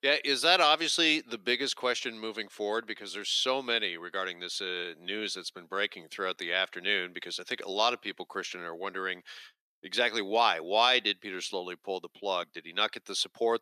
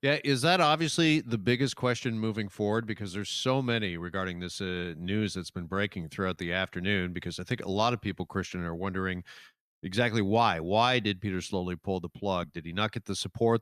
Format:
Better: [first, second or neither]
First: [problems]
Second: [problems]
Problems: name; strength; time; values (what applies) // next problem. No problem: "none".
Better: second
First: thin; somewhat; fading below 350 Hz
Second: none